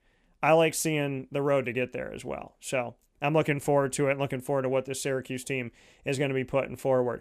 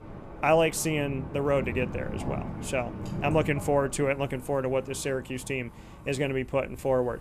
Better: first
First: none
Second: wind in the background; noticeable; throughout; 10 dB below the speech

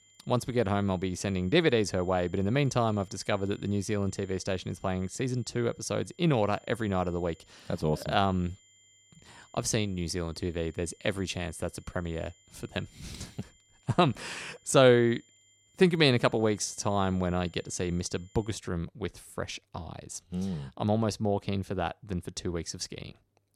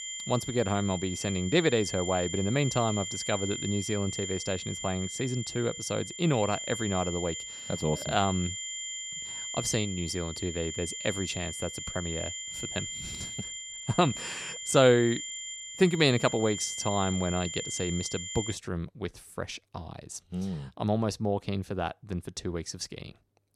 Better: first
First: high-pitched whine; faint; until 19 s; 7 kHz, 30 dB below the speech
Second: high-pitched whine; loud; until 19 s; 7 kHz, 6 dB below the speech

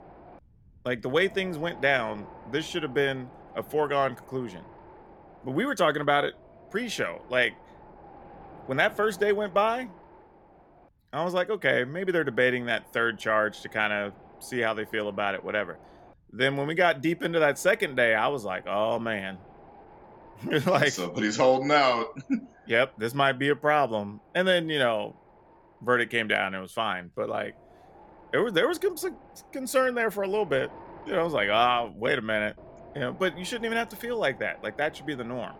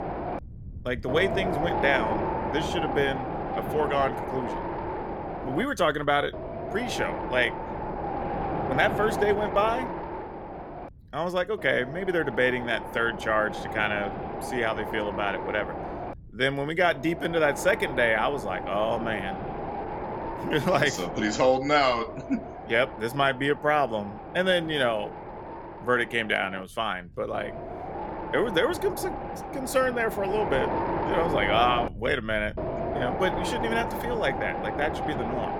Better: first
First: wind noise on the microphone; occasional gusts; 25 dB below the speech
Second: wind noise on the microphone; heavy; 6 dB below the speech

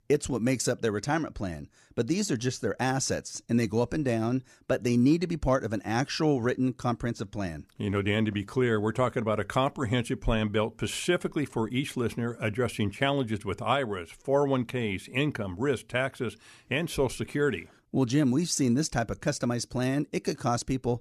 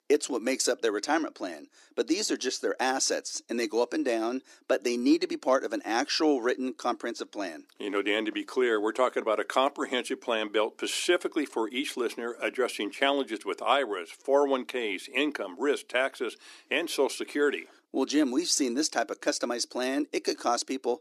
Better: first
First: none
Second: thin; somewhat; fading below 300 Hz

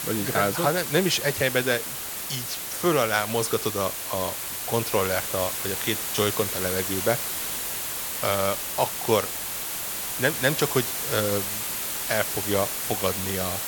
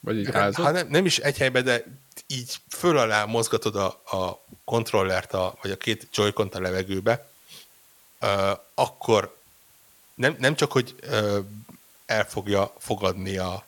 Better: second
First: hiss; loud; throughout; 2 dB below the speech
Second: hiss; faint; throughout; 30 dB below the speech

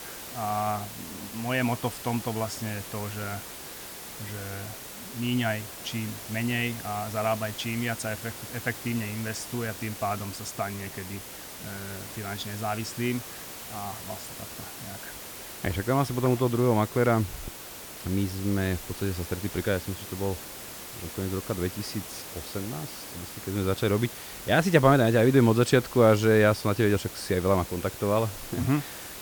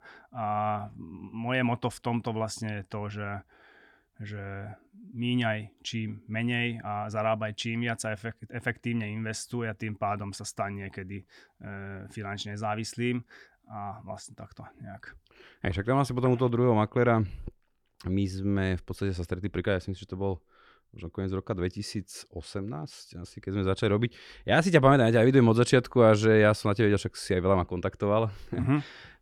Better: second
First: hiss; noticeable; throughout; 10 dB below the speech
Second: none

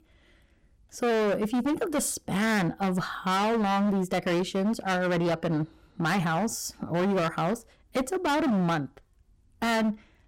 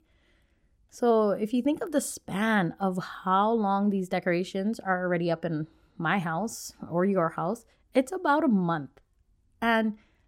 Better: second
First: distortion; heavy; 23% of the sound clipped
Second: none

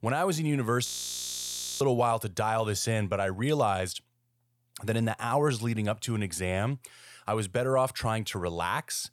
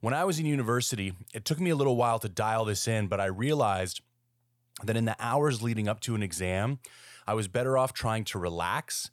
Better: second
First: audio freezing; at 1 s for 1 s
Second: none

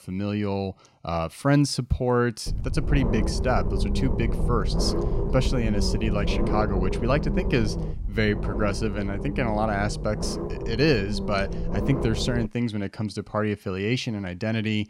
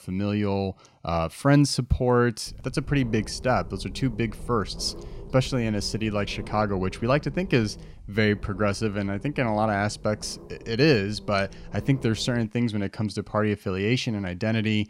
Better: second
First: low rumble; loud; from 2.5 to 12 s; 7 dB below the speech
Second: low rumble; faint; from 2.5 to 12 s; 20 dB below the speech

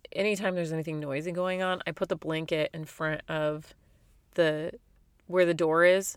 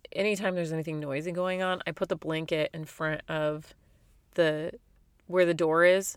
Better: neither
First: none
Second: none

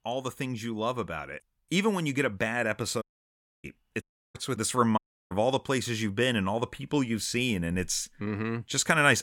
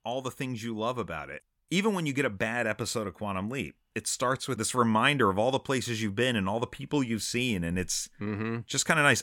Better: second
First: audio cutting out; at 3 s for 0.5 s, at 4 s and at 5 s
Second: none

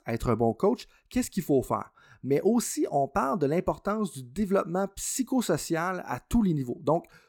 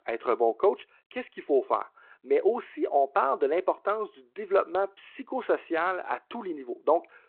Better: first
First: none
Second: phone-call audio; nothing above 4 kHz

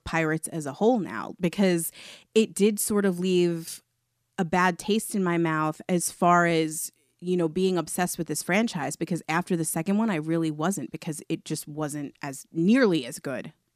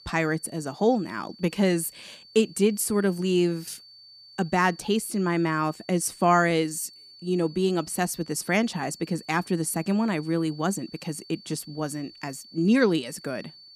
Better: first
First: none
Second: high-pitched whine; faint; throughout; 4.5 kHz, 20 dB below the speech

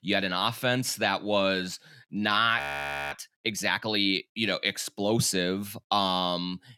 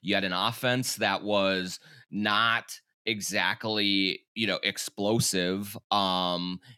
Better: second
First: audio freezing; at 2.5 s for 0.5 s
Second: none

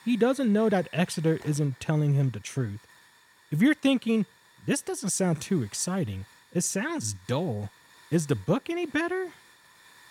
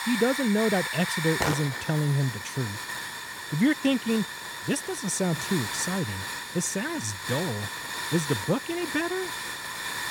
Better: first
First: hiss; faint; throughout; 25 dB below the speech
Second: hiss; loud; throughout; 4 dB below the speech

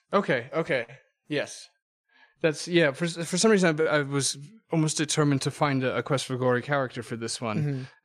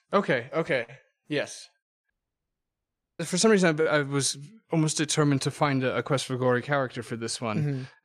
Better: first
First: none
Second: audio cutting out; at 2 s for 1 s

